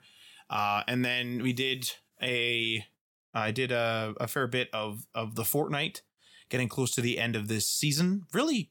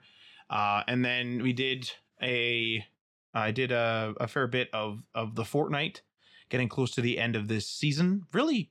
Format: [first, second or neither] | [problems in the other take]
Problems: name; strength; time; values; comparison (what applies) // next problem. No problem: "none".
first | muffled; slightly; fading above 3.5 kHz